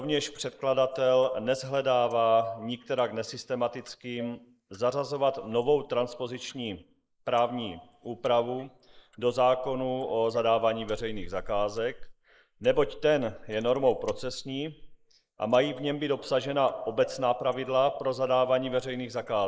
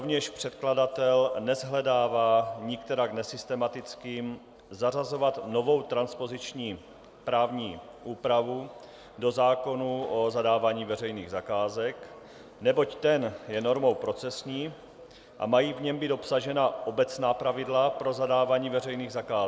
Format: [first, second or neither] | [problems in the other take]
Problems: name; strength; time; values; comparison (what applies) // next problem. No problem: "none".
second | noise reduction (neural mask model Resemble Enhance denoiser)